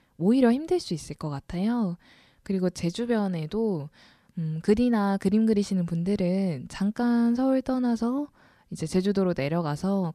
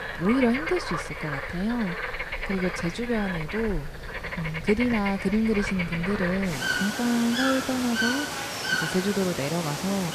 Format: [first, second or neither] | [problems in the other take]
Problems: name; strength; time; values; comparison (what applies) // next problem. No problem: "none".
first | animal sounds; loud; throughout; 3 dB below the speech